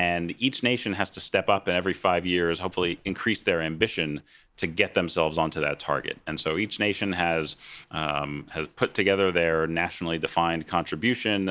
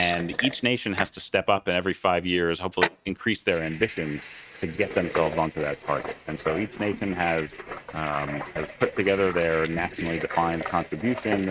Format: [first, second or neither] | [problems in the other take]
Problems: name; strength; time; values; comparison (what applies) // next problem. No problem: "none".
first | noise reduction (neural mask model RNNoise)